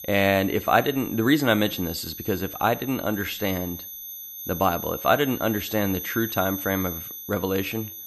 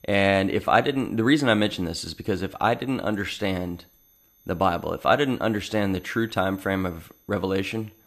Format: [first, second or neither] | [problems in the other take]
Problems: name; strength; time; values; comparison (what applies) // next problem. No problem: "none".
second | high-pitched whine; loud; throughout; 12 kHz, 9 dB below the speech; faint in the second